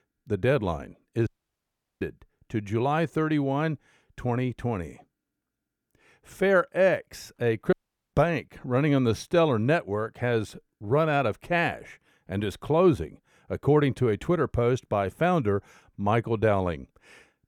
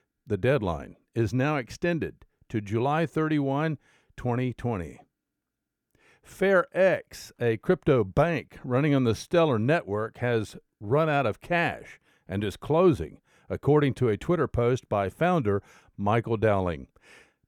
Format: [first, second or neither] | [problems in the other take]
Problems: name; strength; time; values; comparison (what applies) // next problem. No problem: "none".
second | audio cutting out; at 1.5 s for 0.5 s and at 7.5 s